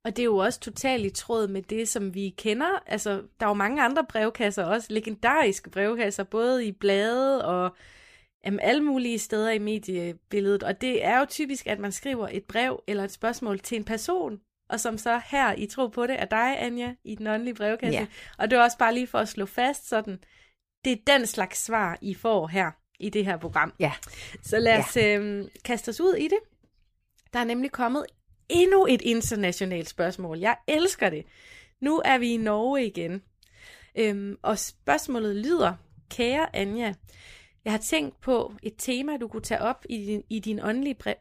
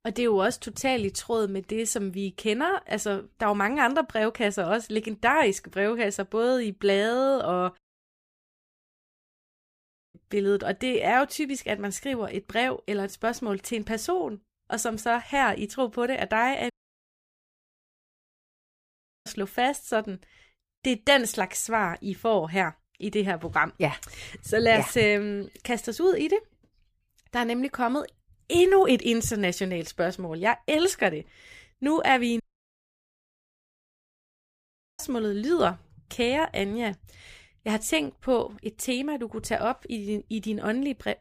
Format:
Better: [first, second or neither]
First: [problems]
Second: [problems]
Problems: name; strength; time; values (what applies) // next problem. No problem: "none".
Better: first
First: none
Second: audio cutting out; at 8 s for 2.5 s, at 17 s for 2.5 s and at 32 s for 2.5 s